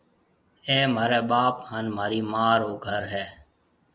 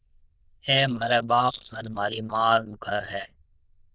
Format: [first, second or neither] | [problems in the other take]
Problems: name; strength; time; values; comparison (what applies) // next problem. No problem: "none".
first | noise reduction (neural diffusion model UNIVERSE++)